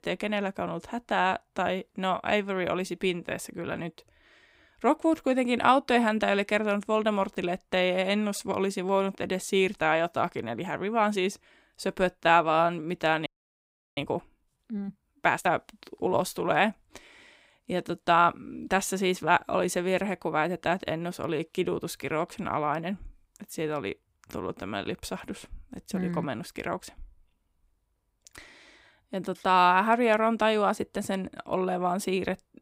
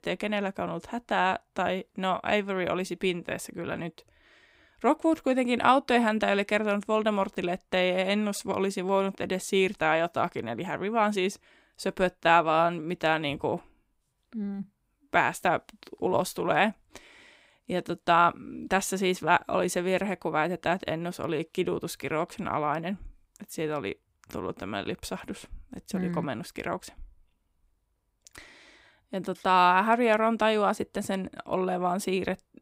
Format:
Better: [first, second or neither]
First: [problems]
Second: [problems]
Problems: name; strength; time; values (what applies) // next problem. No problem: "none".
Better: second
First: audio freezing; at 13 s for 0.5 s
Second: none